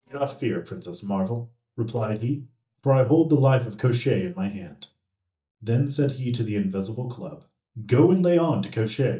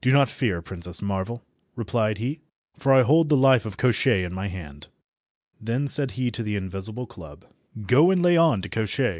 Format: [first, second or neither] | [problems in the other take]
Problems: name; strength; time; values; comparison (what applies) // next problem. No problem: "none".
second | noise reduction (neural mask model DeepFilterNet 3)